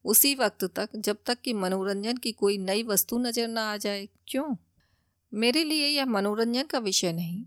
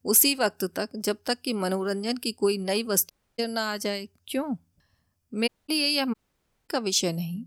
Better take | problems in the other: first | audio cutting out; at 3 s, at 5.5 s and at 6 s for 0.5 s

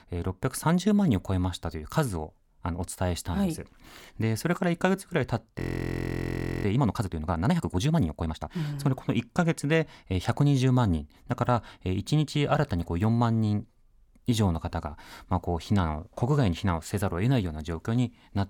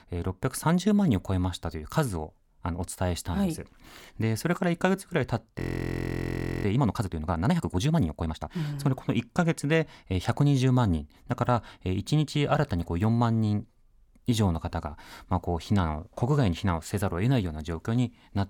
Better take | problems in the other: neither | audio freezing; at 5.5 s for 1 s; the same in both

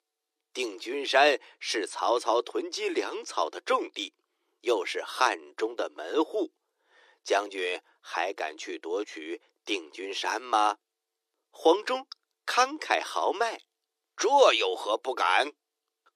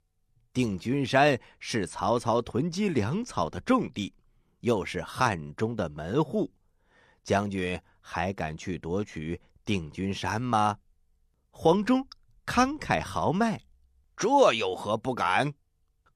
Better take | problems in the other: second | thin; very; fading below 300 Hz

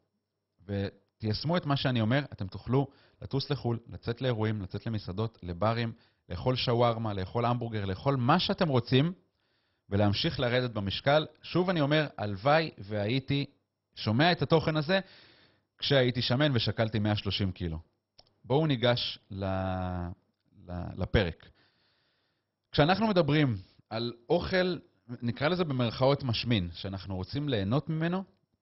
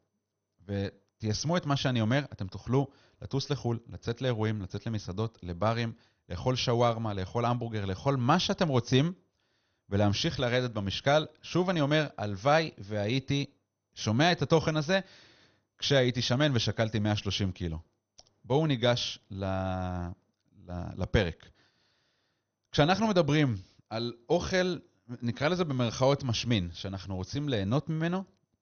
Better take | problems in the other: second | garbled, watery; badly; nothing above 5.5 kHz; slightly in the second

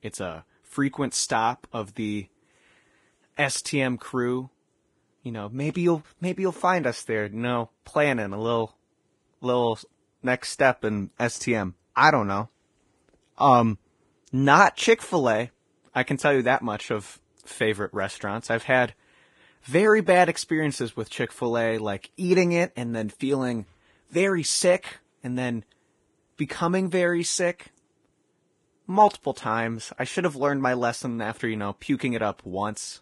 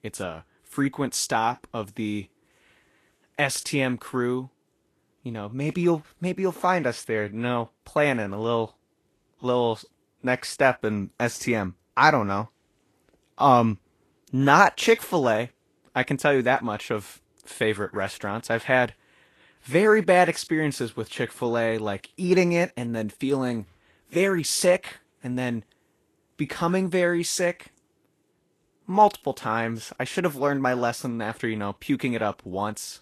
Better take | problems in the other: second | garbled, watery; badly; nothing above 10.5 kHz; slightly in the second

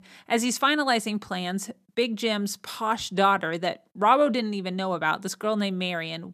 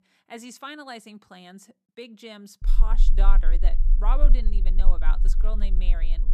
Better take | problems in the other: first | low rumble; noticeable; from 2.5 s on; 15 dB below the speech

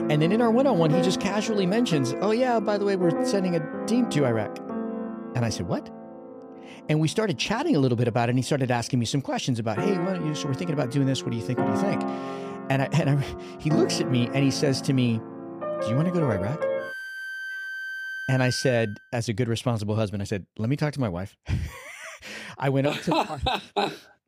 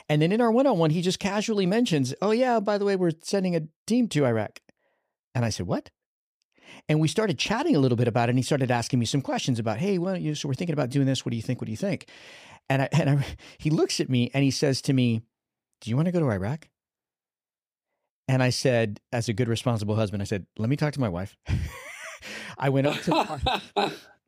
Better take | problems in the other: second | background music; loud; until 19 s; 6 dB below the speech

